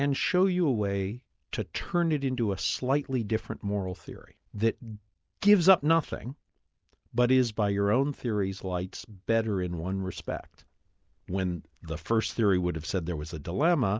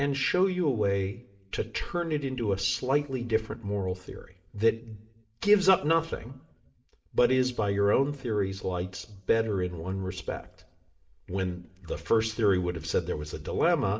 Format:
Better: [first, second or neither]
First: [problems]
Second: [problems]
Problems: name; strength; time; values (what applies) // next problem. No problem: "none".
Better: first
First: none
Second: room echo; dies away in 0.5 s